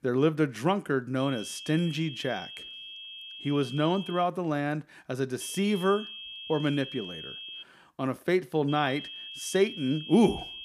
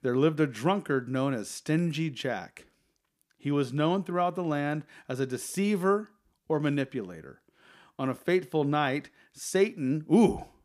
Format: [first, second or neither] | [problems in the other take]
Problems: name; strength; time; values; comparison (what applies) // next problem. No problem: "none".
second | high-pitched whine; noticeable; from 1 to 4 s, from 5.5 to 7.5 s and from 8.5 s on; 3 kHz, 10 dB below the speech